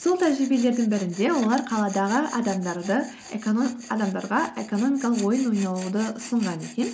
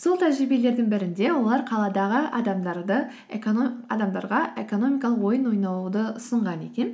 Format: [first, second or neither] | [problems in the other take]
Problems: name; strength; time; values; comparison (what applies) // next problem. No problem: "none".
second | background sound (Tools); 18 dB below the speech